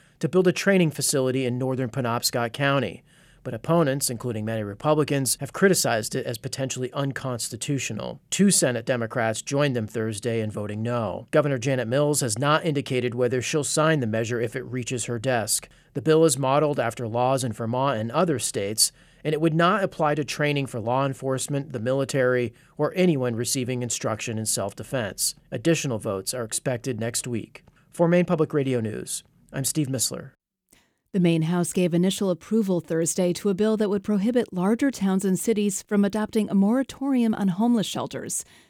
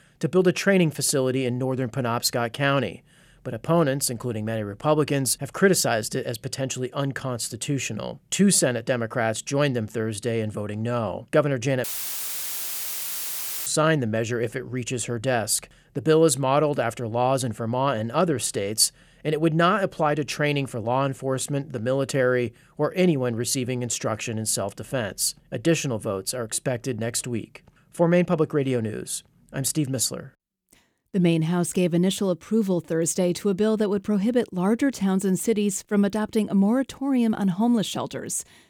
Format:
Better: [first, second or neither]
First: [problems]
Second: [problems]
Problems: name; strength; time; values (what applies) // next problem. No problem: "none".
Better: first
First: none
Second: audio cutting out; filled with static; at 12 s for 2 s